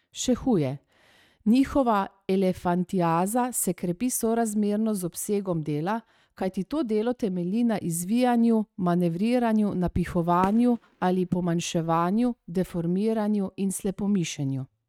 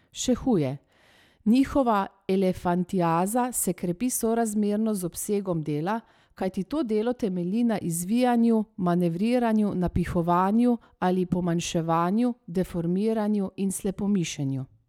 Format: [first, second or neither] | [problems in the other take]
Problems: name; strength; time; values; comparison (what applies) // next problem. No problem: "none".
second | noise reduction (neural mask model RNNoise)